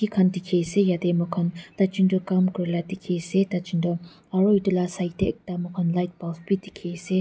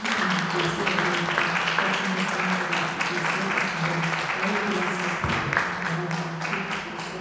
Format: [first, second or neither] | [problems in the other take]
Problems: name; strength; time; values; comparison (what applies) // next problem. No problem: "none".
first | background sound (Applause); 4 dB above the speech // room echo; dies away in 1.2 s